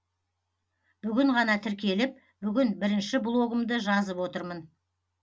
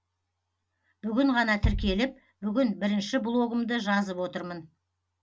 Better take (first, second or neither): first